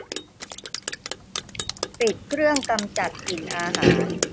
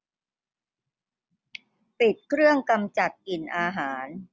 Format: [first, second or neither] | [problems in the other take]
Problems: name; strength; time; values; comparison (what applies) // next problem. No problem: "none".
second | background sound (Drip); 1 dB above the speech